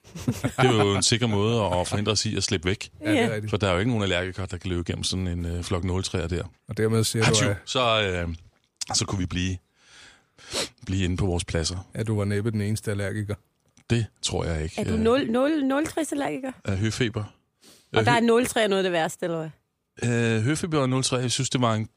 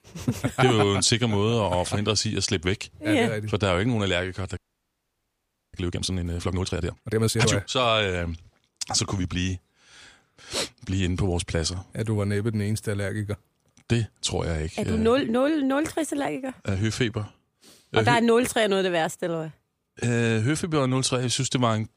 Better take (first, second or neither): first